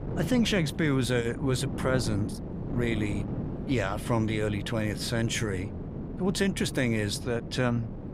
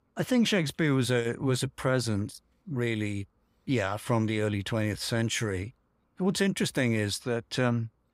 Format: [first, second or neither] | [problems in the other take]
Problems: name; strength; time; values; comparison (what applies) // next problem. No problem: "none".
second | wind noise on the microphone; occasional gusts; 10 dB below the speech